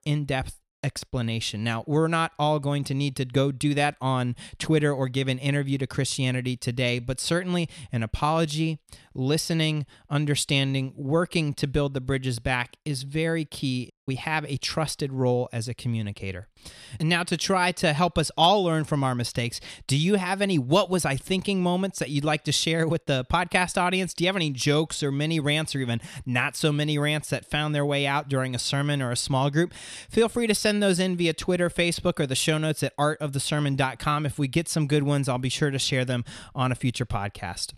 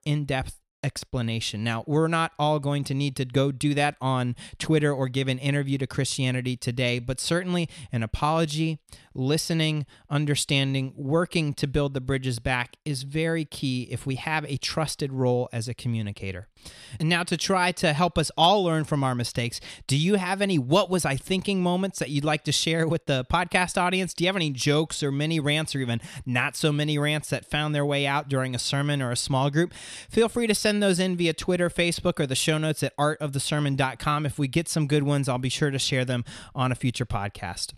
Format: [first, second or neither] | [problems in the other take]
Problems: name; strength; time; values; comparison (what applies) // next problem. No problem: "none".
second | audio cutting out; at 14 s